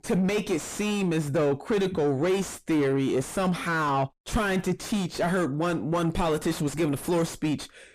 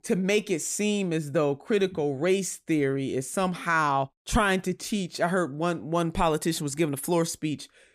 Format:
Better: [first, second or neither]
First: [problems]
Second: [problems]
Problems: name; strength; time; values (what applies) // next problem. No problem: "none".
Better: second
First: distortion; heavy; 5 dB below the speech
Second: none